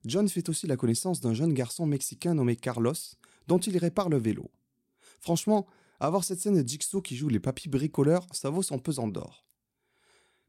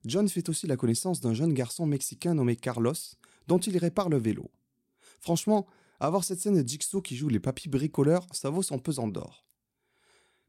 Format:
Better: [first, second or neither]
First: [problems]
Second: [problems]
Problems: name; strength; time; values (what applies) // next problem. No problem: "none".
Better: neither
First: none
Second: none